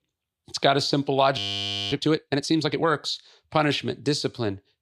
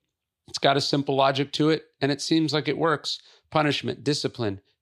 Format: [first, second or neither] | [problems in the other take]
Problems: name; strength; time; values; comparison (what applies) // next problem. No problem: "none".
second | audio freezing; at 1.5 s for 0.5 s